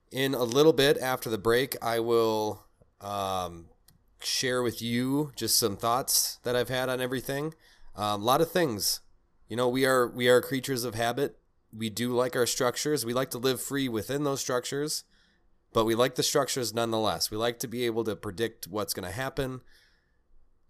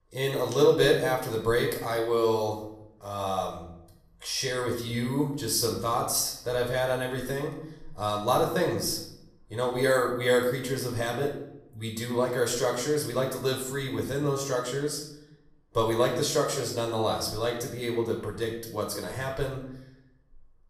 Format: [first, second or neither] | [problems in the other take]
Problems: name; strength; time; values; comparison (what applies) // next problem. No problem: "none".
first | off-mic speech; far // room echo; slight; dies away in 0.7 s